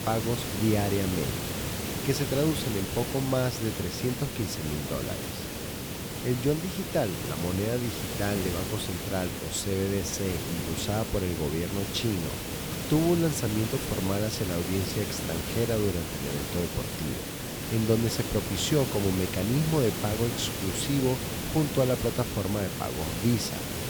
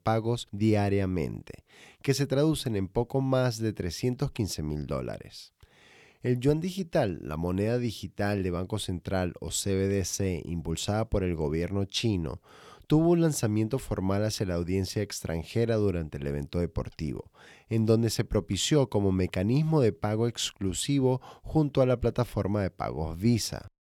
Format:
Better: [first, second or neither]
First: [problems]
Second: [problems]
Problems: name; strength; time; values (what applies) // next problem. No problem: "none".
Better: second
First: hiss; loud; throughout; 3 dB below the speech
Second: none